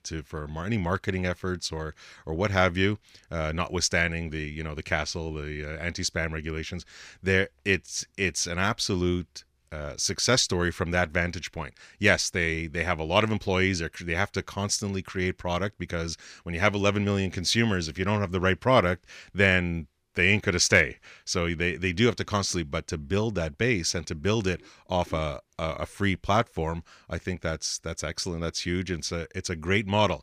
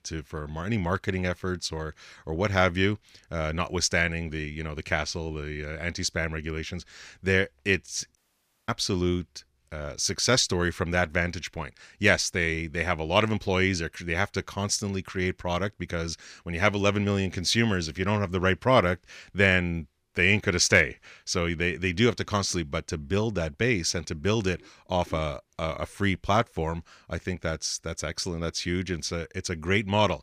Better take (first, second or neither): first